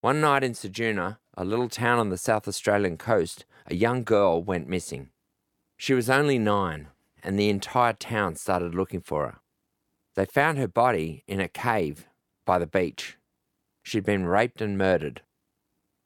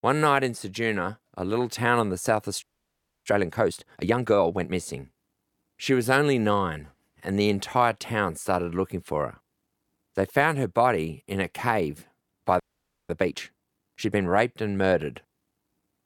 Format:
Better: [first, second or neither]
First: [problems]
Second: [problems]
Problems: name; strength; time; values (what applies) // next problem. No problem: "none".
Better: first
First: none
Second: audio freezing; at 2.5 s for 0.5 s and at 13 s